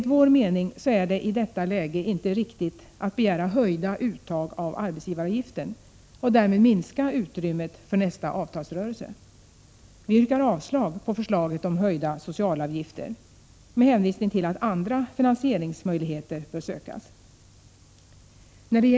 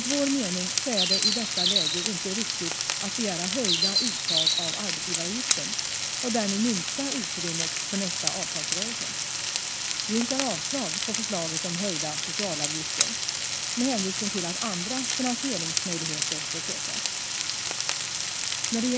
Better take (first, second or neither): first